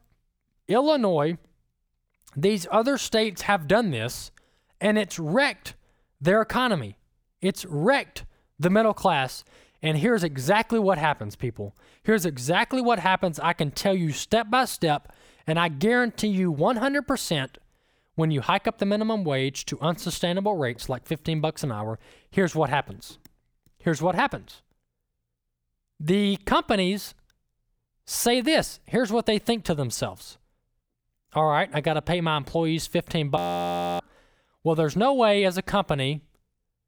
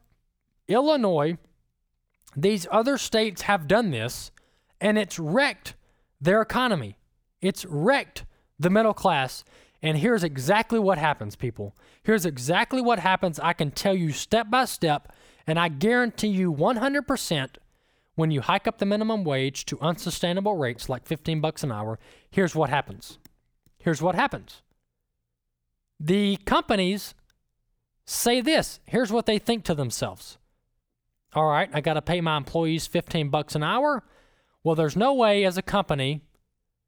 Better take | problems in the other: second | audio freezing; at 33 s for 0.5 s

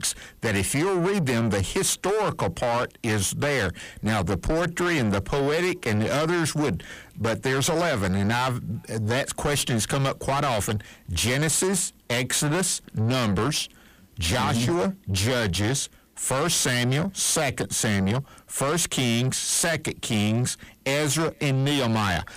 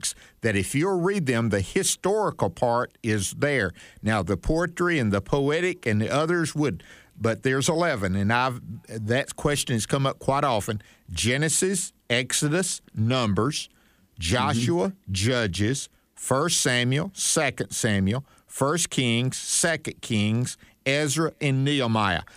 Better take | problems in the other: second | distortion; heavy; 7 dB below the speech

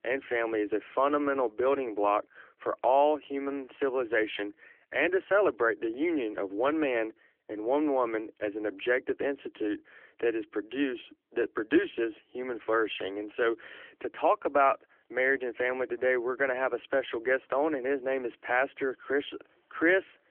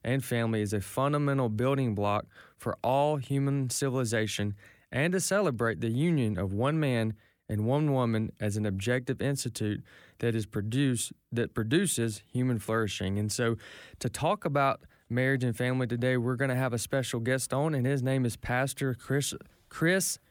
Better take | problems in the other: second | phone-call audio; nothing above 3.5 kHz

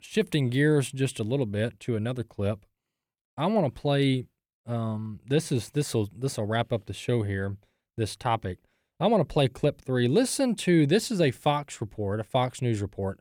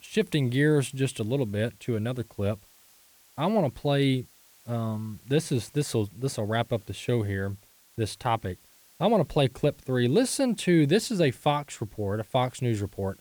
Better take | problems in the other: first | hiss; faint; throughout; 30 dB below the speech

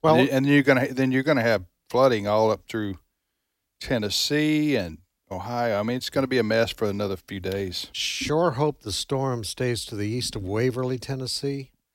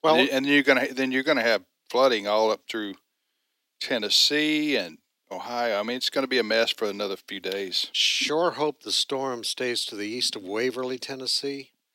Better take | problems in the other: first | thin; very slightly; fading below 250 Hz

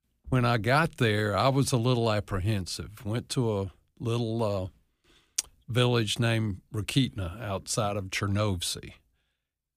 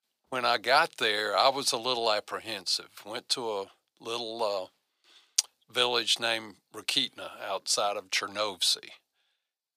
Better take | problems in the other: first | thin; very; fading below 600 Hz

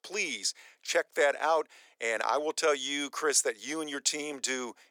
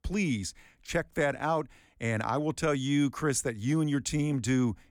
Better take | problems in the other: second | thin; very; fading below 450 Hz

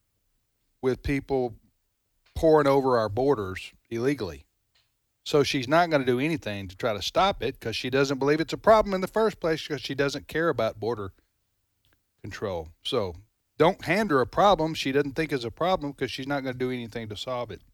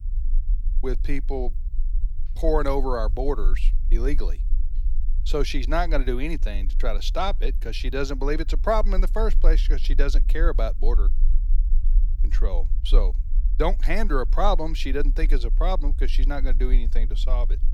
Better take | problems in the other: first | low rumble; faint; throughout; 25 dB below the speech

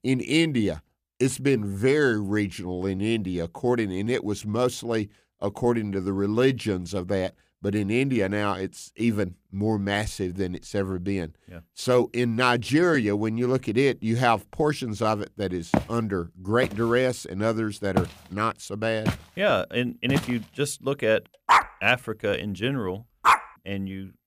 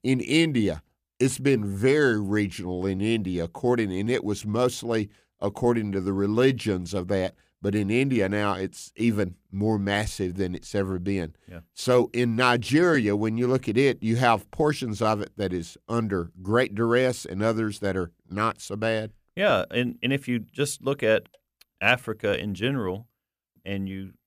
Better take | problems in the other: second | footsteps; noticeable; from 16 to 20 s; peak 2 dB below the speech // dog barking; loud; from 21 to 23 s; peak 6 dB above the speech

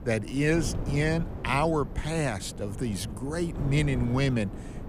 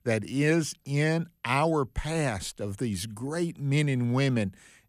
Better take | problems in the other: second | wind noise on the microphone; occasional gusts; 15 dB below the speech

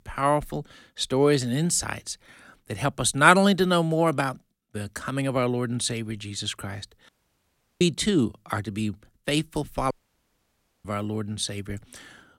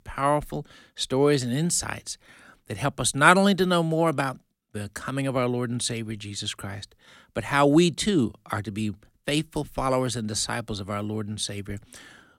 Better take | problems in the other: second | audio cutting out; at 7 s for 0.5 s and at 10 s for 1 s

